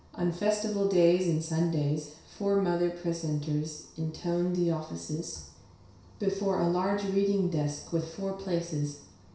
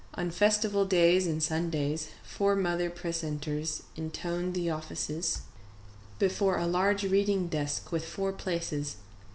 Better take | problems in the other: second | room echo; dies away in 0.6 s

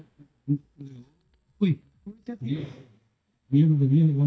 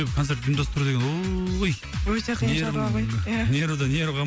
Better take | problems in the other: second | noise reduction (neural mask model DeepFilterNet 3)

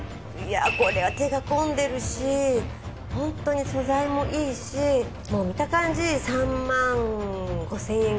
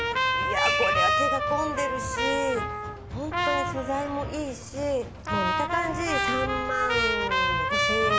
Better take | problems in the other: first | background sound (Trumpet); 3 dB above the speech

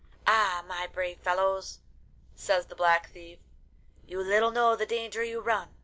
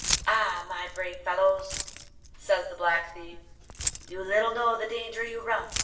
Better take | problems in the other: first | background sound (Keys jangling); 8 dB below the speech // room echo; dies away in 0.8 s

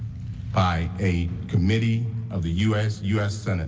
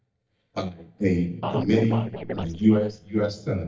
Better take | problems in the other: first | noise reduction (neural mask model DeepFilterNet 3)

